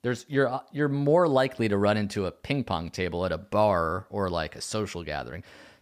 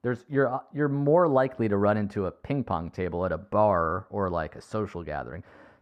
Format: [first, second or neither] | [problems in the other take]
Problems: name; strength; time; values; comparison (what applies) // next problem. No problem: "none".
first | muffled; very; fading above 2 kHz